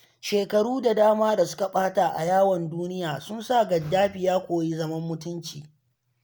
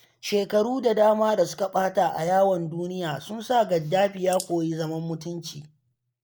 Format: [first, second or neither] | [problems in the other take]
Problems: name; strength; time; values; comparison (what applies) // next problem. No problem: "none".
first | noise reduction (neural mask model Resemble Enhance denoiser)